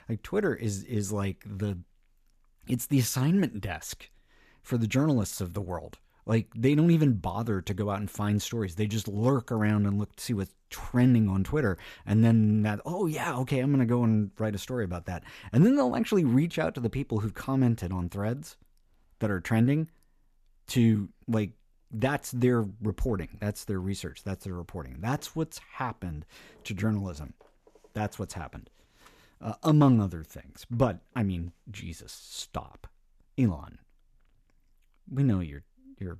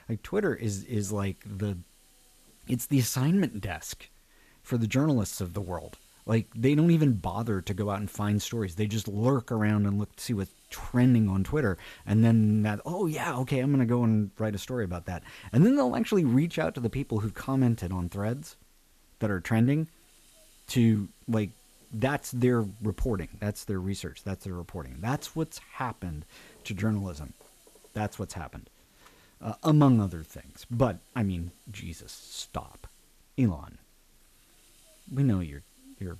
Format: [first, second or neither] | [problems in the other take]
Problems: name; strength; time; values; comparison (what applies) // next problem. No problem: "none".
first | hiss; faint; throughout; 30 dB below the speech